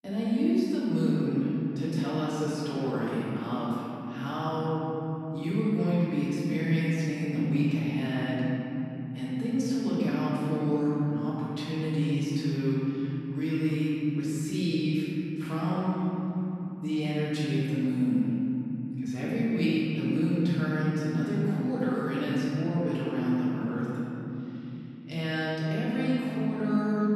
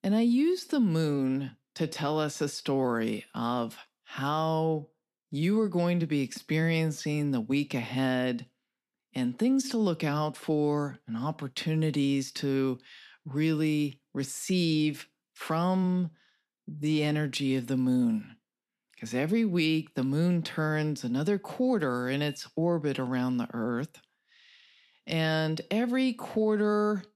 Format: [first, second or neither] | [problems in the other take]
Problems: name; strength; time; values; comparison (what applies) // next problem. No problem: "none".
second | room echo; strong; dies away in 3 s // off-mic speech; far